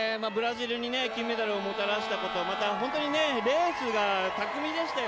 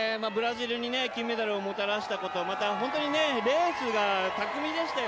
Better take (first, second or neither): second